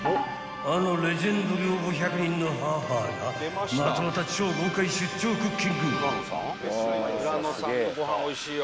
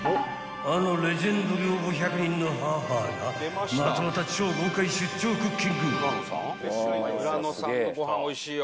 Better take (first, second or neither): second